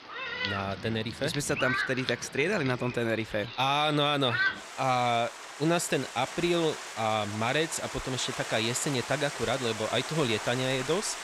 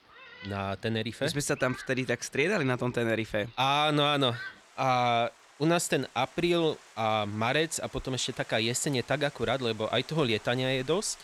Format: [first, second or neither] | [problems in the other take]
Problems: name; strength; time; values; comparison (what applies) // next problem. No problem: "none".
second | rain or running water; loud; throughout; 7 dB below the speech; faint in the second